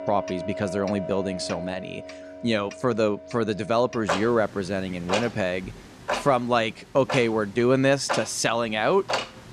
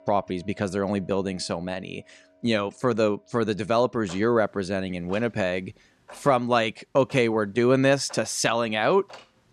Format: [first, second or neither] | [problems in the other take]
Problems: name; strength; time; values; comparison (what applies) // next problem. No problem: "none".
second | household noises; loud; throughout; 8 dB below the speech; faint in the second